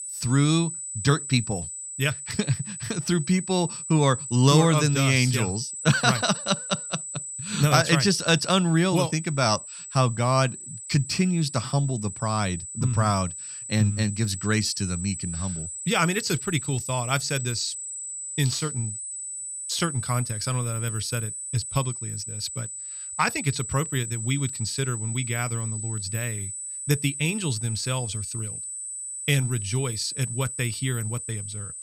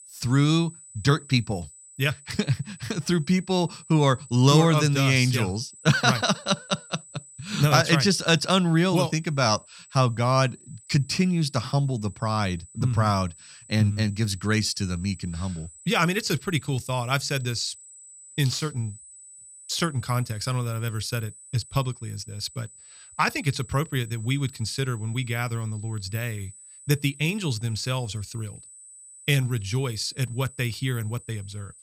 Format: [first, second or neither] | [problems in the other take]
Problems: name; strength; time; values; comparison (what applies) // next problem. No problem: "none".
second | high-pitched whine; loud; throughout; 8 kHz, 7 dB below the speech; faint in the second